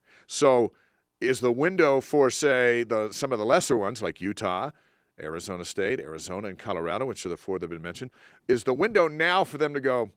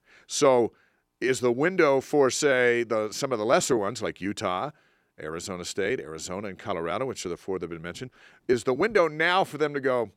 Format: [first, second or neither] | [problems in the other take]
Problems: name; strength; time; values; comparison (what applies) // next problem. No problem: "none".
second | garbled, watery; slightly; nothing above 17 kHz